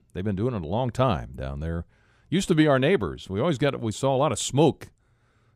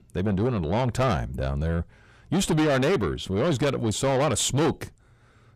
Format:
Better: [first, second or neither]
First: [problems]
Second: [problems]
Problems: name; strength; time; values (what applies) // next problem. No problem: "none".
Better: first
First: none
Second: distortion; heavy; 6 dB below the speech